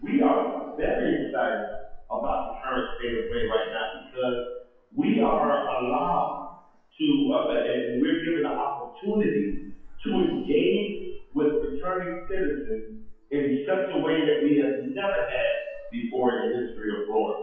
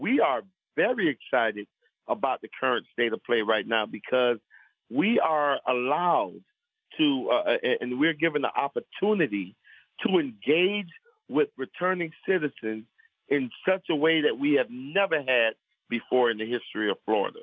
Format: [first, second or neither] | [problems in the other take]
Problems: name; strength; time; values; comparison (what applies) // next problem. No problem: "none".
second | noise reduction (classical method WPE with log-MMSE)